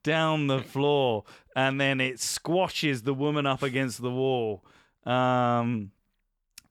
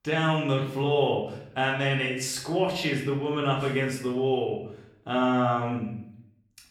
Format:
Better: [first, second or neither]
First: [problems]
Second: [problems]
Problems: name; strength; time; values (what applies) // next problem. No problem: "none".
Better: first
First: none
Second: room echo; noticeable; dies away in 0.7 s // off-mic speech; somewhat distant